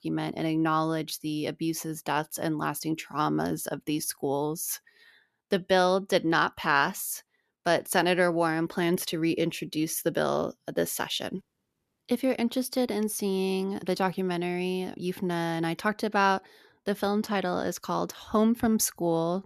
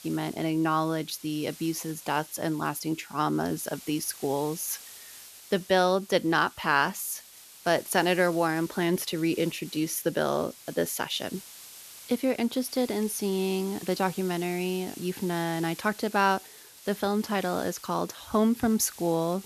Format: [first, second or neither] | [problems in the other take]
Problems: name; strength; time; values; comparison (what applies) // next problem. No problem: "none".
first | hiss; noticeable; throughout; 15 dB below the speech